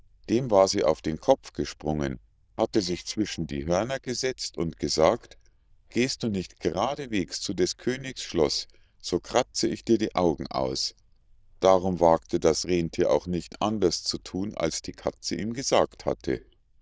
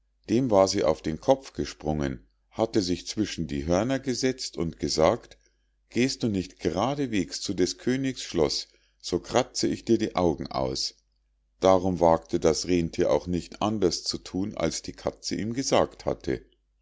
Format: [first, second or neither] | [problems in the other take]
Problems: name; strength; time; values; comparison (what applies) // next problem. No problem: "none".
second | noise reduction (neural diffusion model UNIVERSE++)